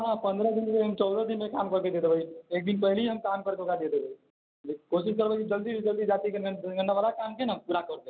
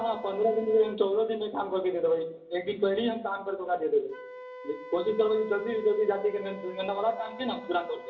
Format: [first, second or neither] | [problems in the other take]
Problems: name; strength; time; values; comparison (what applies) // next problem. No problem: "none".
first | background sound (Wind instrument, woodwind instrument); 17 dB below the speech // room echo; dies away in 0.6 s